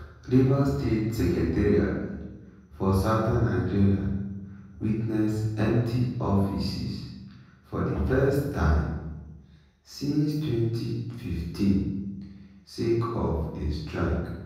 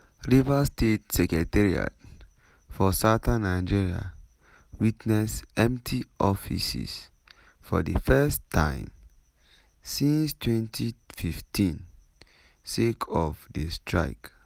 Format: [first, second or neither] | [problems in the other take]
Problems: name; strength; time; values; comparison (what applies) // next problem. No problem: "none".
second | room echo; dies away in 1.3 s